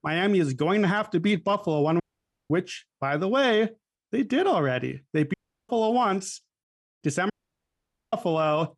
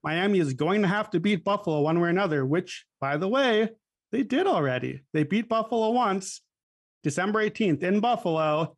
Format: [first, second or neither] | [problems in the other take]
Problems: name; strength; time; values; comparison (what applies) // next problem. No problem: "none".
second | audio cutting out; at 2 s for 0.5 s, at 5.5 s and at 7.5 s for 1 s